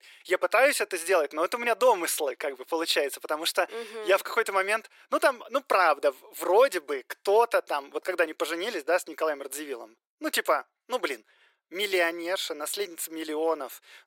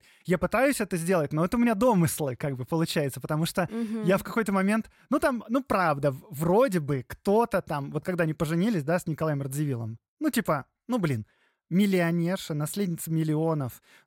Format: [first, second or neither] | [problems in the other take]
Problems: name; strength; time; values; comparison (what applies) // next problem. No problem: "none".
second | thin; very; fading below 350 Hz